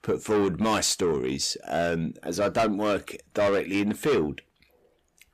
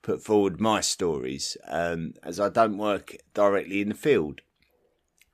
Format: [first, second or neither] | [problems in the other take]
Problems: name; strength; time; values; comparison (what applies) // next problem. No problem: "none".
second | distortion; heavy; 8 dB below the speech